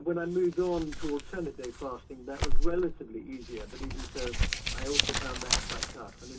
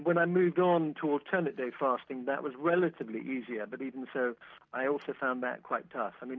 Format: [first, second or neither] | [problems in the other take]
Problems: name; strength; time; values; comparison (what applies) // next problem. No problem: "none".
second | background sound (Crumpling, crinkling); 4 dB above the speech // room echo; dies away in 0.2 s